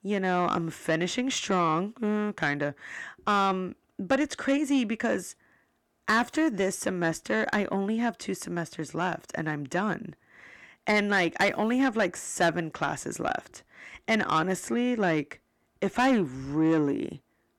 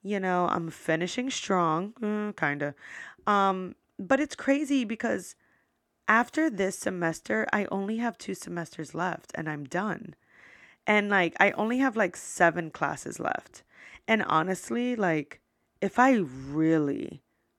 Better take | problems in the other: second | distortion; slight; 10 dB below the speech

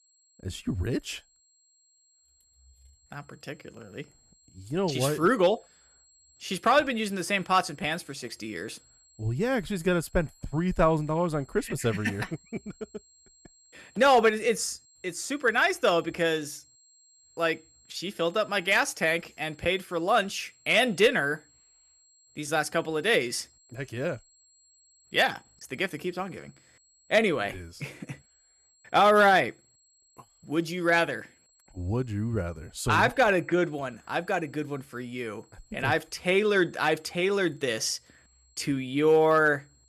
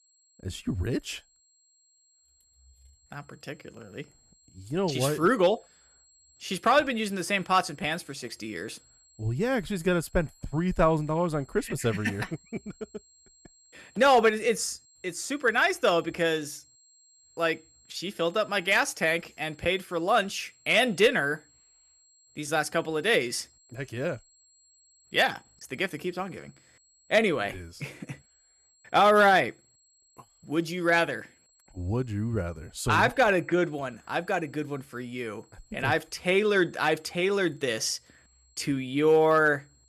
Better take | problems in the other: neither | high-pitched whine; faint; throughout; 7.5 kHz, 35 dB below the speech; the same in both

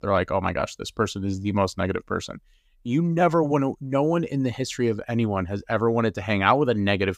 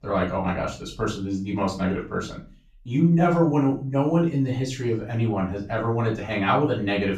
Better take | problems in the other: first | off-mic speech; far // room echo; slight; dies away in 0.3 s

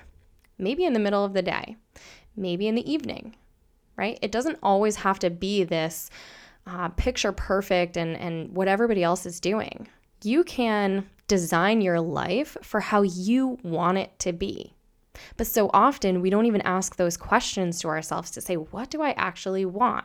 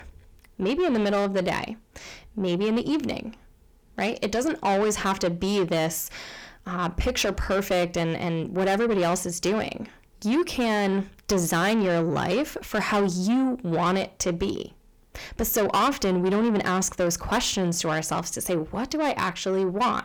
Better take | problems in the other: first | distortion; heavy; 8 dB below the speech

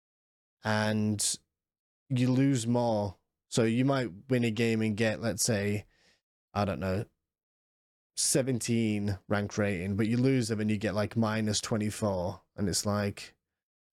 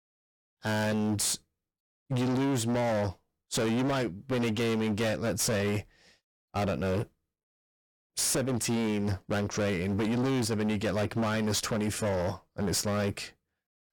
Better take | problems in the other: first | distortion; heavy; 27% of the sound clipped

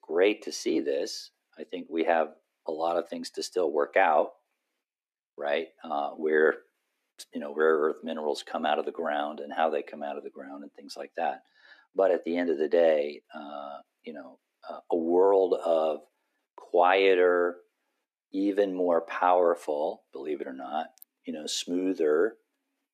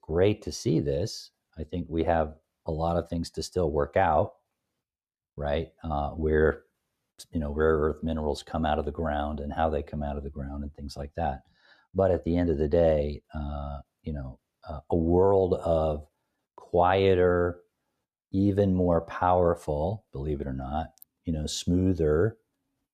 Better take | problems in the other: second | thin; somewhat; fading below 250 Hz

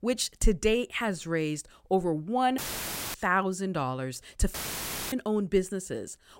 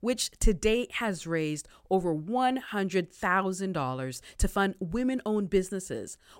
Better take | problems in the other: second | audio cutting out; filled with static; at 2.5 s for 0.5 s and at 4.5 s for 0.5 s

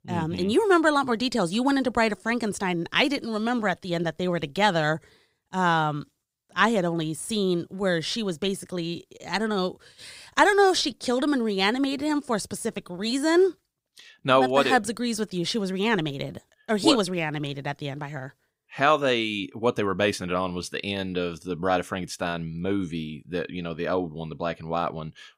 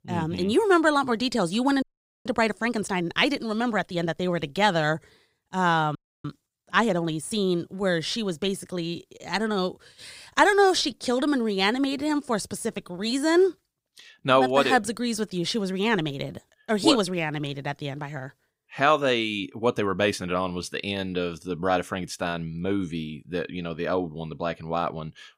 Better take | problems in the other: first | audio freezing; at 2 s and at 6 s

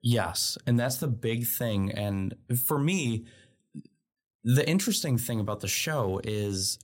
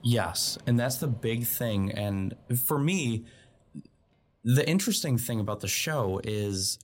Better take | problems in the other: first | traffic noise; faint; throughout; 25 dB below the speech

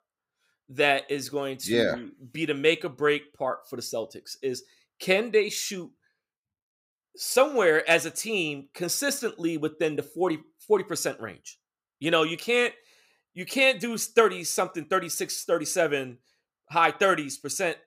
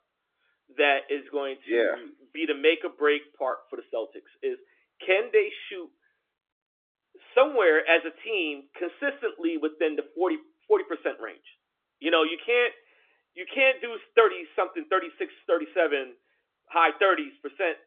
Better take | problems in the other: first | phone-call audio; nothing above 3.5 kHz

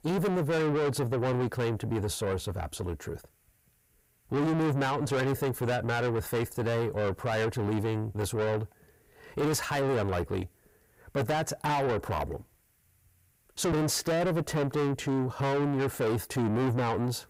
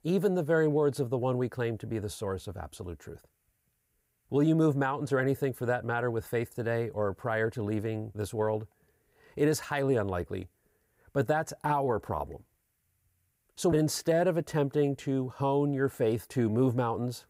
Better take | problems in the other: second | distortion; heavy; 6 dB below the speech

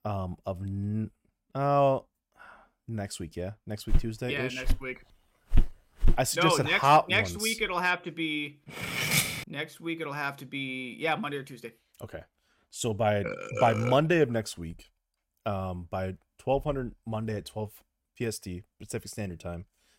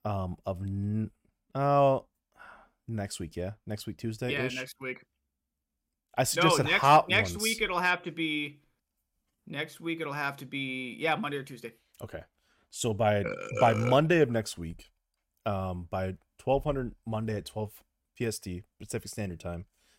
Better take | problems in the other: second | footsteps; noticeable; from 4 to 6 s; peak 2 dB below the speech // clattering dishes; loud; at 9 s; peak 4 dB above the speech

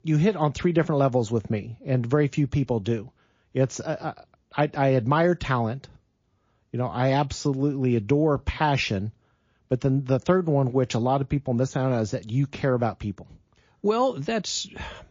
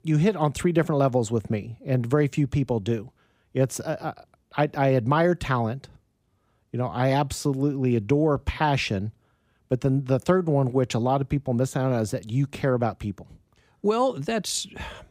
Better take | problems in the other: second | garbled, watery; slightly

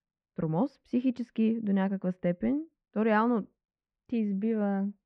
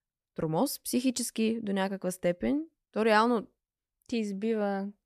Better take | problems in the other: second | muffled; very; fading above 2.5 kHz

